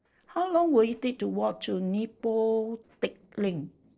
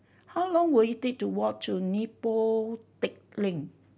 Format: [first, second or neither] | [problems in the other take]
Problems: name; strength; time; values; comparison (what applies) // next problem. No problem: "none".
second | noise reduction (neural separator model SepFormer DNS4)